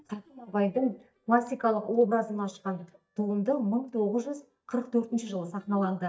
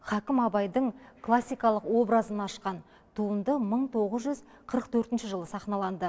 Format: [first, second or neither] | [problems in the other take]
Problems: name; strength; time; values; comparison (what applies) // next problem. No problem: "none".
second | noise reduction (neural mask model DeepFilterNet 3)